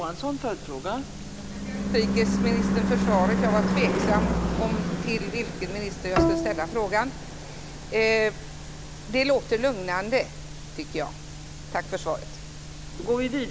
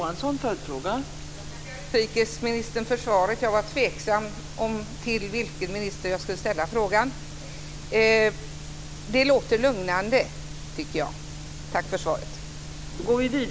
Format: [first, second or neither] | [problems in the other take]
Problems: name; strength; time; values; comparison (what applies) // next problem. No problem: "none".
second | background sound (Bowed string instrument + Car passing by / Engine / Truck); 1 dB below the speech